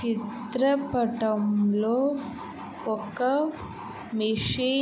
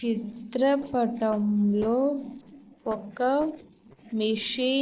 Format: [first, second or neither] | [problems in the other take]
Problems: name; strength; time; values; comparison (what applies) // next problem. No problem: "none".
first | noise reduction (neural separator model SepFormer DNS4)